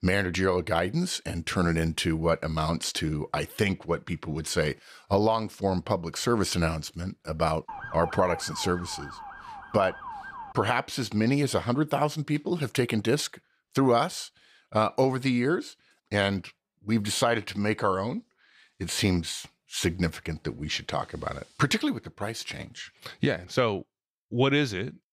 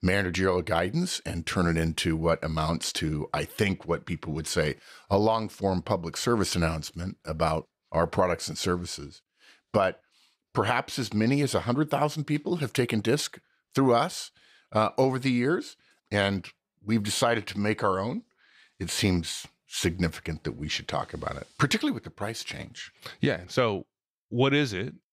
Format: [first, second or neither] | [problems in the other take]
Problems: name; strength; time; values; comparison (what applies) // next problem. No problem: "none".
second | siren; noticeable; from 7.5 to 11 s; peak 8 dB below the speech